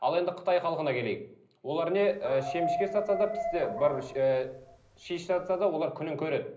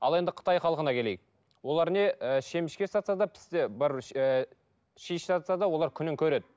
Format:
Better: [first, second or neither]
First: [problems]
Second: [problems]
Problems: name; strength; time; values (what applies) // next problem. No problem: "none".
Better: second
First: background sound (Dog); 7 dB below the speech // room echo; dies away in 0.5 s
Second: none